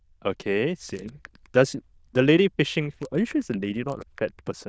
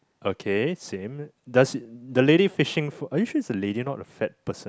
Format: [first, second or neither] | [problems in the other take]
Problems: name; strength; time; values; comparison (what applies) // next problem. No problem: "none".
second | noise reduction (neural diffusion model UNIVERSE++)